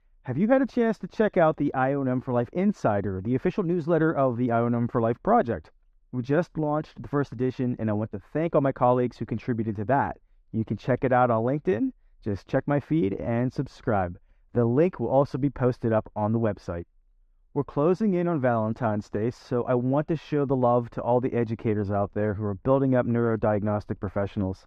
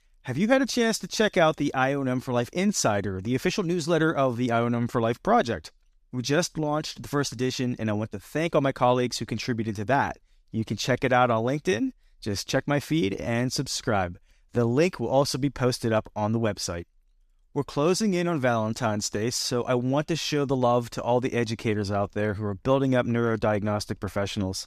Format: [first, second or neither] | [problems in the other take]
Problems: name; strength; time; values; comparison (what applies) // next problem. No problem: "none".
second | muffled; very; fading above 3 kHz